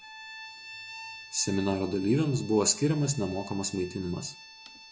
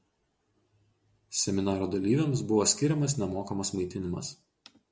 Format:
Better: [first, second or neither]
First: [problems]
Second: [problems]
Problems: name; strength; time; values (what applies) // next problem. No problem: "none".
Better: second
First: background sound (Bowed string instrument); 16 dB below the speech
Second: none